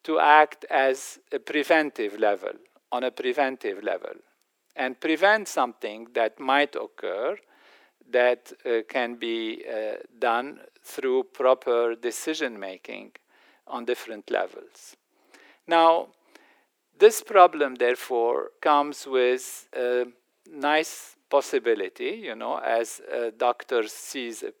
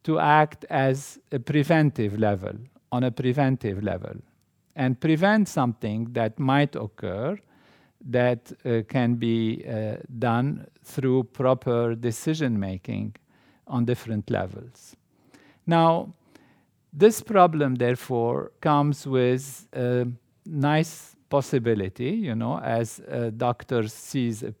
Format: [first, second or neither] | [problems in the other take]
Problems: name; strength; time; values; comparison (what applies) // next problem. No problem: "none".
second | thin; very; fading below 350 Hz